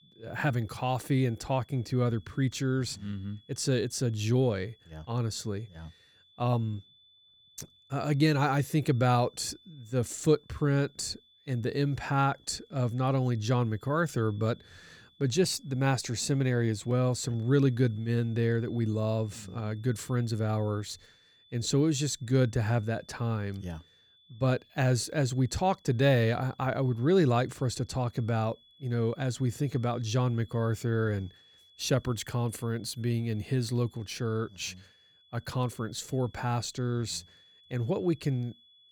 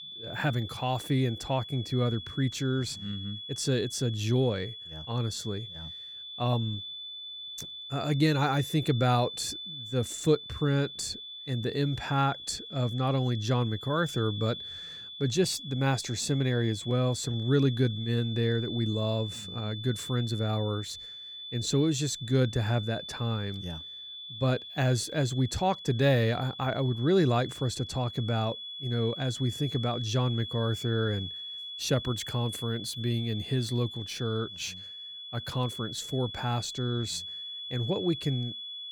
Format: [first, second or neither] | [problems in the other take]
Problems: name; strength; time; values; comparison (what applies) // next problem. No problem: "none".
first | high-pitched whine; loud; throughout; 3.5 kHz, 9 dB below the speech; faint in the first